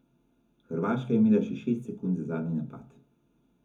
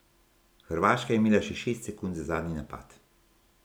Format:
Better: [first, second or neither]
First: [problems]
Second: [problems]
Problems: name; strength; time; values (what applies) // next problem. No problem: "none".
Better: second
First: room echo; dies away in 0.3 s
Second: none